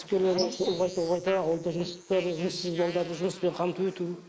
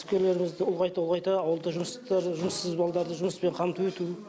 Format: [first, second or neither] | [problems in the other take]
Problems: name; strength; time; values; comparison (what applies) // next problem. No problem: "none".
second | noise reduction (neural mask model Resemble Enhance denoiser)